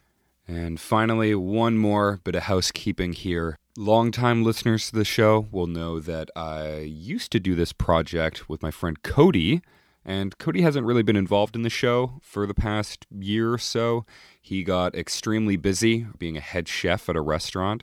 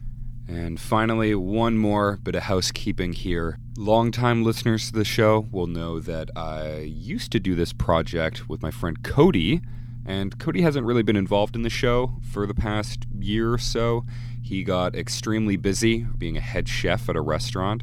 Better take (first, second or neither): first